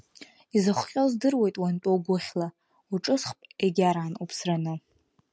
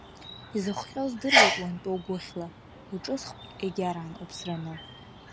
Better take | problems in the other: first | background sound (Sneeze); 3 dB above the speech

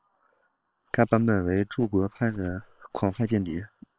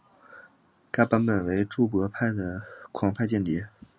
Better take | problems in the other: second | noise reduction (neural separator model SepFormer WHAM!)

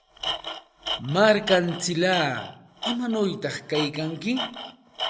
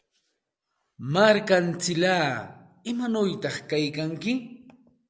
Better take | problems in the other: second | background sound (Tools); 9 dB below the speech

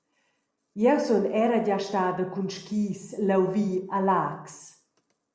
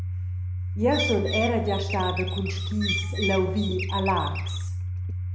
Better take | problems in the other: first | background sound (Domestic sounds, home sounds + Bird); as loud as the speech

